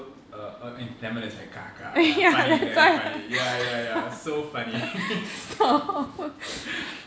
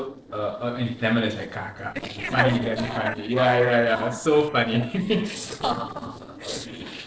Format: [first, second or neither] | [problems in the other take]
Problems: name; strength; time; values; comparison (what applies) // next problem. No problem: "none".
first | noise reduction (neural separator model SepFormer DNS4)